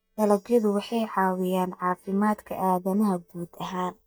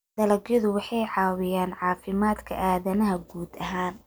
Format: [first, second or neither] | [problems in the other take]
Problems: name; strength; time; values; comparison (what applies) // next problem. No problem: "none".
second | noise reduction (neural mask model DeepFilterNet 3)